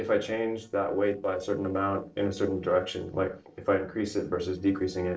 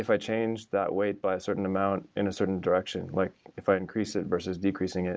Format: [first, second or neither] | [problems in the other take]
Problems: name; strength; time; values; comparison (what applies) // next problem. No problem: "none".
second | noise reduction (neural separator model SepFormer DNS4)